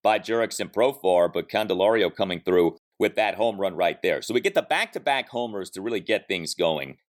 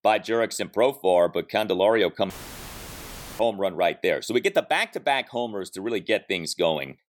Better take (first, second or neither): first